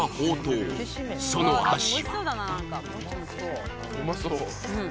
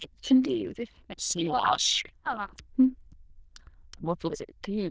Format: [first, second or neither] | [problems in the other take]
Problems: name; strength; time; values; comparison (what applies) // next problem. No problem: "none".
first | noise reduction (neural diffusion model UNIVERSE++)